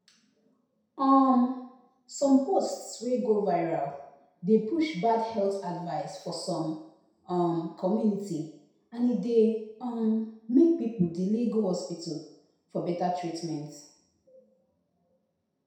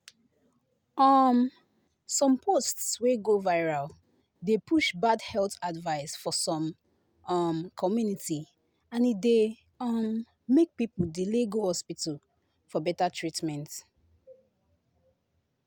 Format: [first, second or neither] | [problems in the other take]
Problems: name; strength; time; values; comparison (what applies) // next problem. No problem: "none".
second | room echo; dies away in 0.7 s